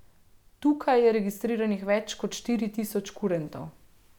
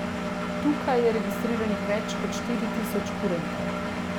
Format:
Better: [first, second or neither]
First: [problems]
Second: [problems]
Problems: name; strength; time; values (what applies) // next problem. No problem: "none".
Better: first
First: none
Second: background sound (Engine); as loud as the speech